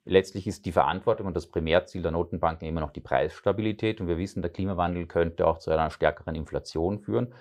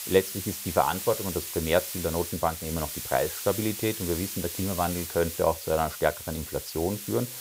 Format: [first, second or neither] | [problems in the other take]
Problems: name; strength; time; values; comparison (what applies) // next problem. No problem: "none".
first | hiss; loud; throughout; 5 dB below the speech